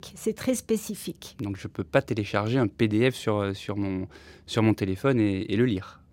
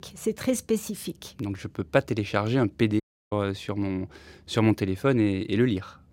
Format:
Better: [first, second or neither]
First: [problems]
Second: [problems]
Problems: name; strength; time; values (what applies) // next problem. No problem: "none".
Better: first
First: none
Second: audio cutting out; at 3 s